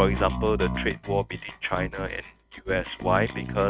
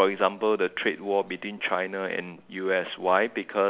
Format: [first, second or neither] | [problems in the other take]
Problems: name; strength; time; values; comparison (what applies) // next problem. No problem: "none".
second | noise reduction (neural mask model RNNoise)